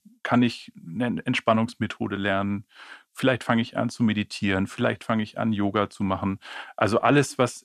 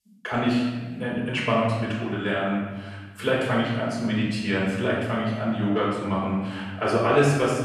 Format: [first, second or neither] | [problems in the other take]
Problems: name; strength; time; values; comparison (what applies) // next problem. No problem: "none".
first | off-mic speech; far // room echo; noticeable; dies away in 1.2 s